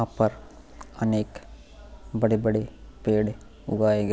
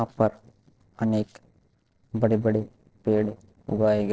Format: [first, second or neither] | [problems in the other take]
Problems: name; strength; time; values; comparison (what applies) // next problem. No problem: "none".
first | noise reduction (neural separator model SepFormer DNS4)